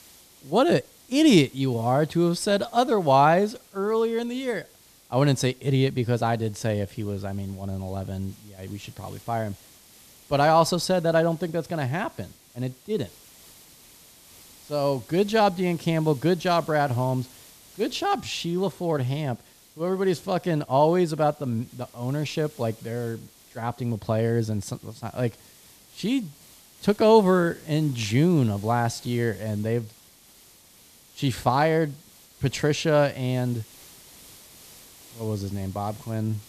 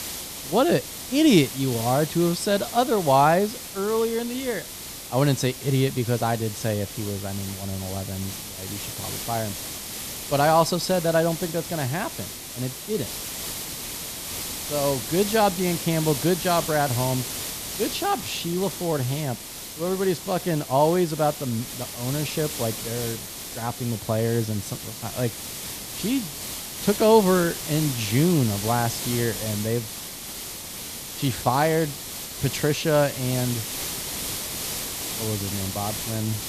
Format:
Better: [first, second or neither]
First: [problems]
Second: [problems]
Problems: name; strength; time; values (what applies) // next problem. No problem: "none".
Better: first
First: hiss; faint; throughout; 25 dB below the speech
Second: hiss; loud; throughout; 7 dB below the speech